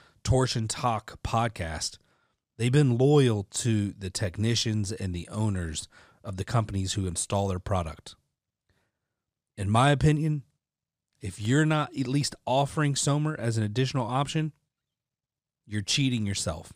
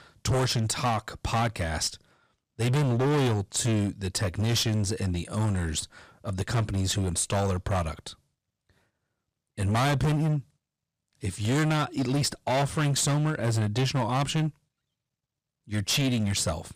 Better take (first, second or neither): first